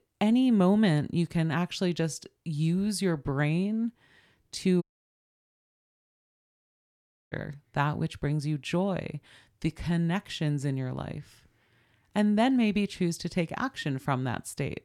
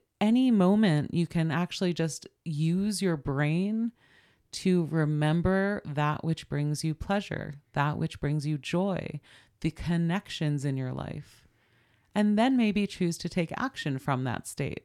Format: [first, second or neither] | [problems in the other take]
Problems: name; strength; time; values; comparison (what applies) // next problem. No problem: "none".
second | audio cutting out; at 5 s for 2.5 s